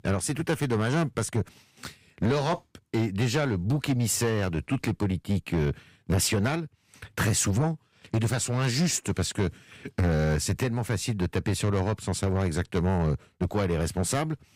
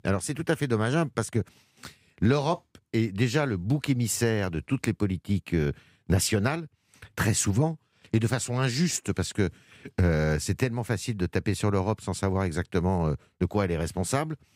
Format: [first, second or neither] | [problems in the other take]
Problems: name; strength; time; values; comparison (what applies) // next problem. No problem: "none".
second | distortion; slight; 10 dB below the speech